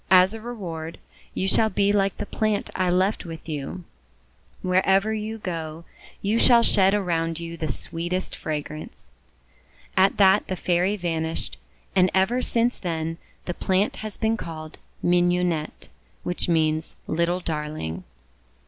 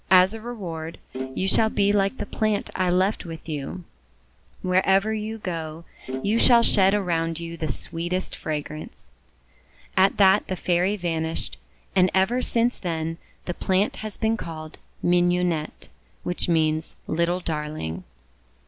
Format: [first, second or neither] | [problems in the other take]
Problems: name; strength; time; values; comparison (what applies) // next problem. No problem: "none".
first | background sound (Bowed string instrument); 13 dB below the speech